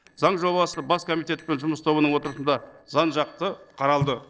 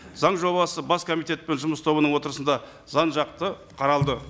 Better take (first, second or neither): second